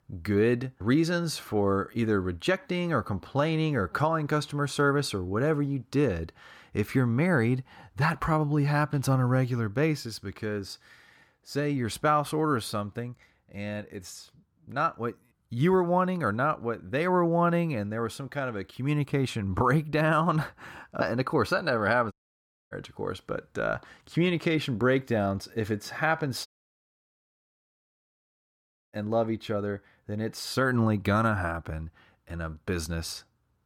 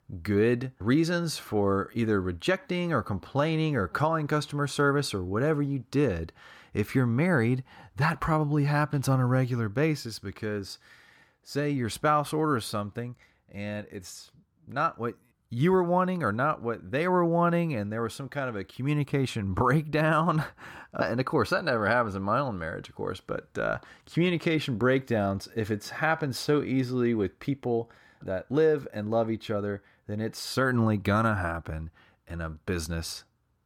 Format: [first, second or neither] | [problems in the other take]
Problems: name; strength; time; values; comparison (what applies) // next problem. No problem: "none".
second | audio cutting out; at 22 s for 0.5 s and at 26 s for 2.5 s